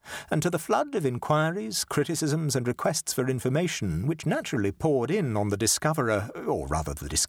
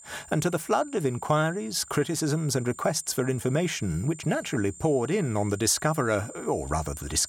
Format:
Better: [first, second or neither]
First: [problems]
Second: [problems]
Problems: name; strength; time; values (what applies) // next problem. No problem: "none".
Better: first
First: none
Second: high-pitched whine; noticeable; throughout; 7 kHz, 15 dB below the speech